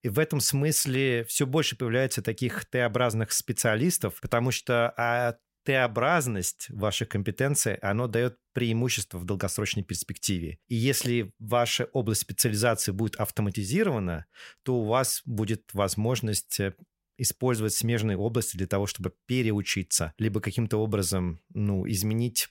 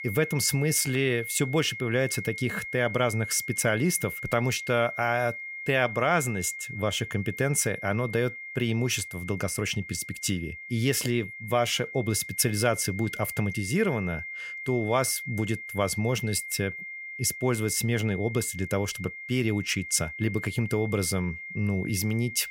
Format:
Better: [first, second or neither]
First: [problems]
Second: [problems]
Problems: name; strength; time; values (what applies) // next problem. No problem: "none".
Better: first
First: none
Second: high-pitched whine; loud; throughout; 2 kHz, 9 dB below the speech